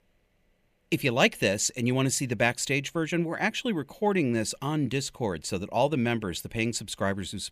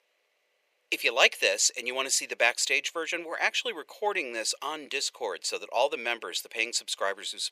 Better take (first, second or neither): first